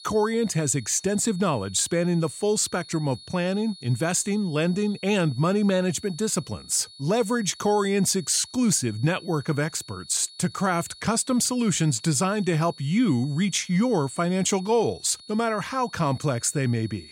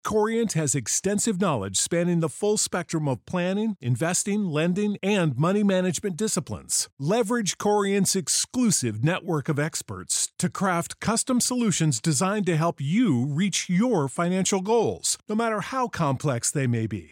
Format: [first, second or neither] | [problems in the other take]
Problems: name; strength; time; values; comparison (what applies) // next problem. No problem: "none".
second | high-pitched whine; noticeable; throughout; 4.5 kHz, 20 dB below the speech